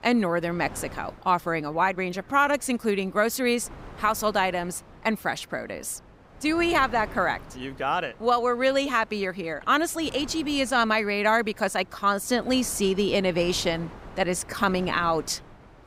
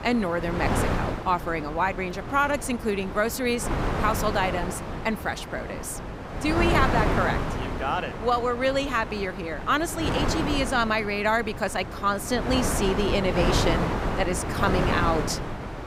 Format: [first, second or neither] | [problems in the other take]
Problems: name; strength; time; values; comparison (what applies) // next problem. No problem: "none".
first | wind noise on the microphone; heavy; 5 dB below the speech; occasional gusts in the first